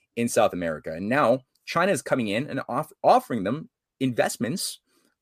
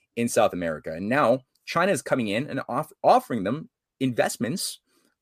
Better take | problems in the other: neither | none

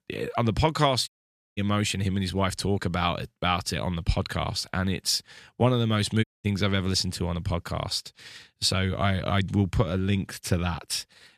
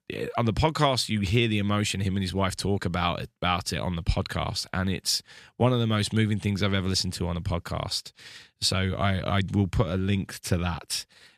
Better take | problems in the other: second | audio cutting out; at 1 s and at 6 s

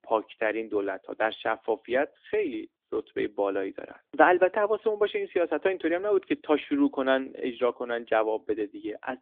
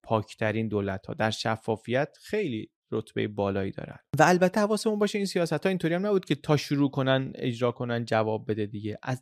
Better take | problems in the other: second | phone-call audio; nothing above 3.5 kHz

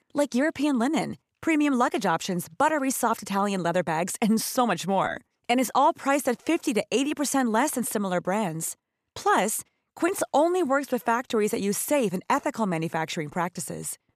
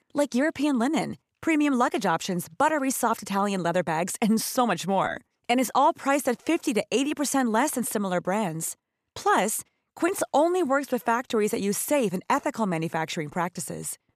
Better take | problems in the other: neither | none

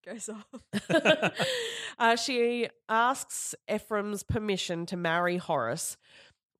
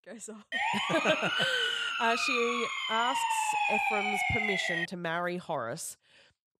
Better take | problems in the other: first | siren; loud; from 0.5 to 5 s; peak 6 dB above the speech

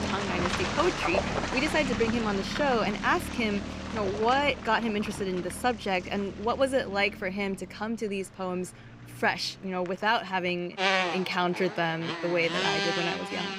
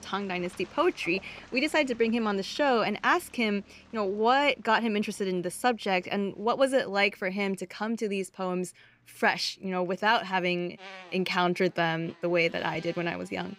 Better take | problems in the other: second | traffic noise; loud; throughout; 3 dB below the speech; faint in the second

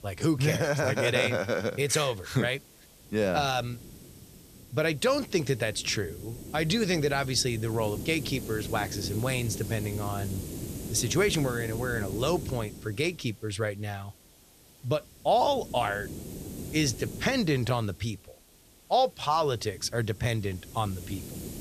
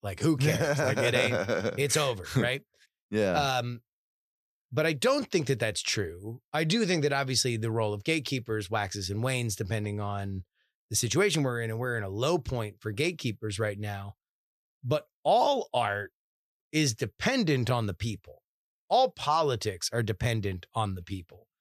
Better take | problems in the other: second | hiss; noticeable; throughout; 10 dB below the speech

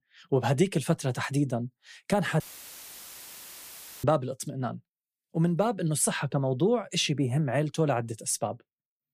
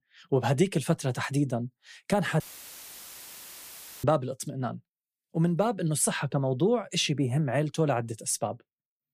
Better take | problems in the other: neither | audio cutting out; filled with static; at 2.5 s for 1.5 s; the same in both

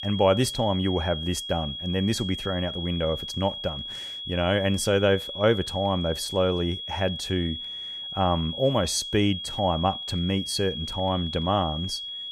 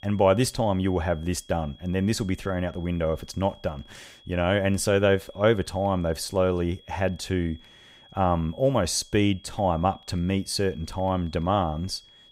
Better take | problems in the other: second | high-pitched whine; loud; throughout; 3.5 kHz, 6 dB below the speech; faint in the second

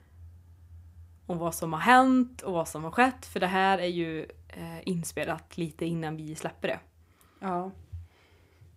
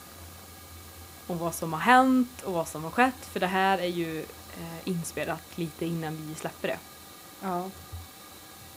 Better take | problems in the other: first | hiss; noticeable; throughout; 15 dB below the speech

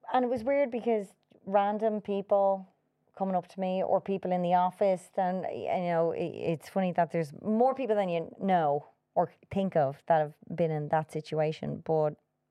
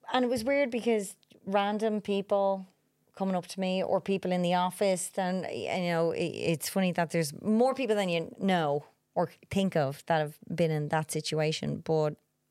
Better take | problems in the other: second | muffled; very; fading above 3 kHz

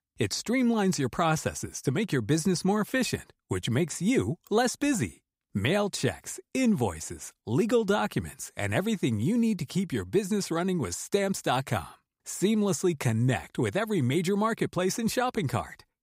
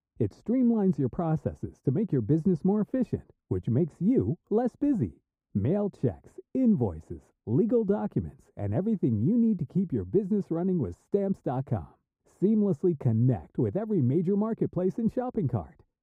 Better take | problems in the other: first | muffled; very; fading above 1 kHz

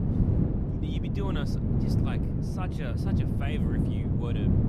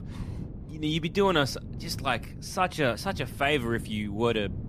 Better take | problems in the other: second | wind noise on the microphone; heavy; 4 dB above the speech; occasional gusts in the second

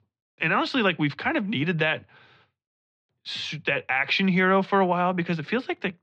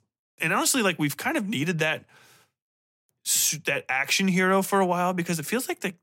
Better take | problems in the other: second | muffled; slightly; fading above 4 kHz

